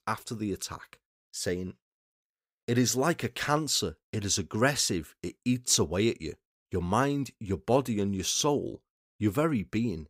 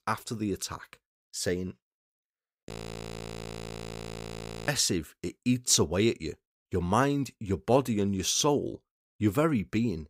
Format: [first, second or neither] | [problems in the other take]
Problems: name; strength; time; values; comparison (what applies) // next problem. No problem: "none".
first | audio freezing; at 2.5 s for 2 s